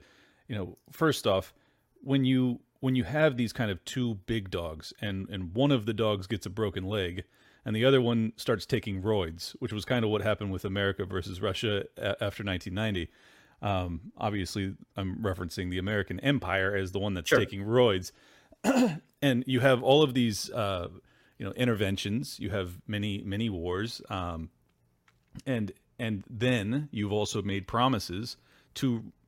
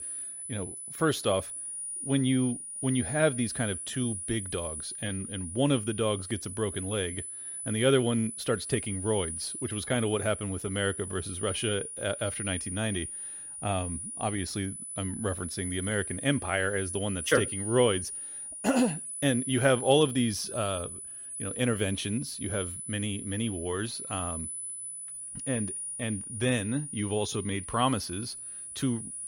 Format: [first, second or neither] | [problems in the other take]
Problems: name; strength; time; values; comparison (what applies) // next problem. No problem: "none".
first | high-pitched whine; loud; throughout; 10 kHz, 6 dB below the speech